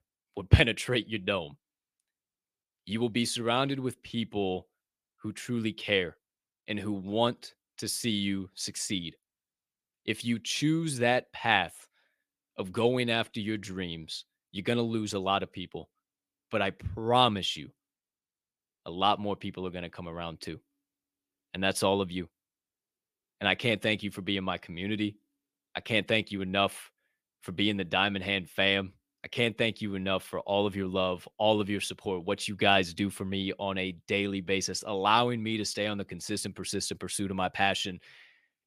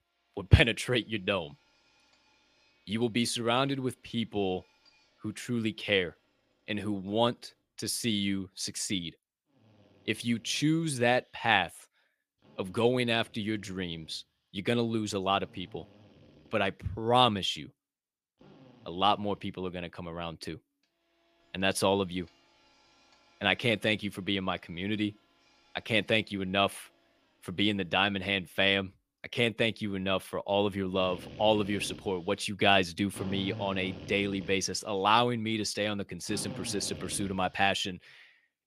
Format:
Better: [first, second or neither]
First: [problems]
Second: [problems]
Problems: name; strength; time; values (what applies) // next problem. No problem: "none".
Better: first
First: none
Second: machinery noise; noticeable; throughout; 20 dB below the speech